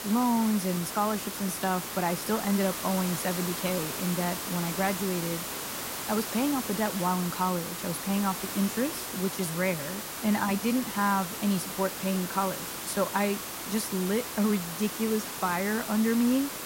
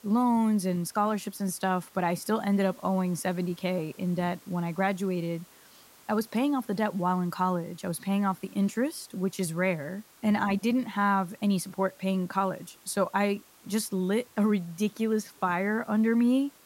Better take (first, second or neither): second